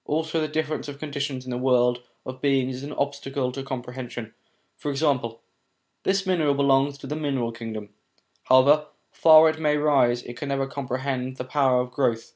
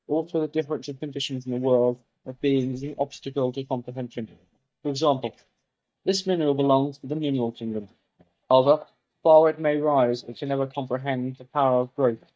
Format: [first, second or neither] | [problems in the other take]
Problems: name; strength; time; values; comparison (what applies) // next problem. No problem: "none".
first | noise reduction (neural mask model DeepFilterNet 3)